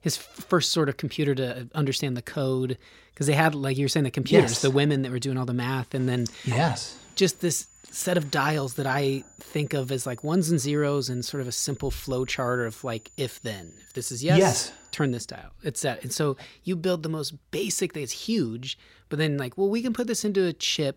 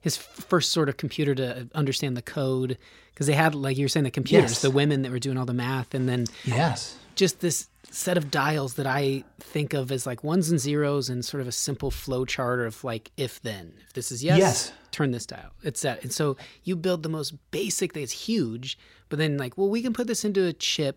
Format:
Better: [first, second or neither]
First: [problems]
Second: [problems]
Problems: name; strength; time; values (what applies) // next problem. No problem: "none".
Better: second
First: high-pitched whine; faint; from 6 to 15 s; 7 kHz, 25 dB below the speech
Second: none